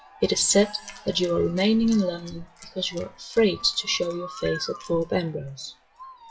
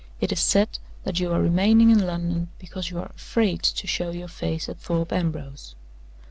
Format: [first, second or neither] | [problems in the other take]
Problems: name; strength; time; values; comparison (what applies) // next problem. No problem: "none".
second | noise reduction (classical method WPE with log-MMSE)